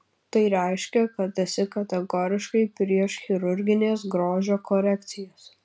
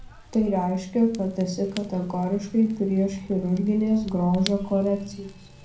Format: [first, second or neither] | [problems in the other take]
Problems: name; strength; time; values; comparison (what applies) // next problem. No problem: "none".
first | background sound (Fire / Rain); 18 dB below the speech // room echo; dies away in 0.5 s